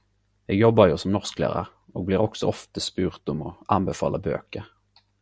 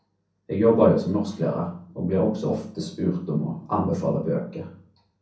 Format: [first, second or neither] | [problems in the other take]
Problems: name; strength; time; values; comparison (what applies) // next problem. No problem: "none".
first | room echo; dies away in 0.6 s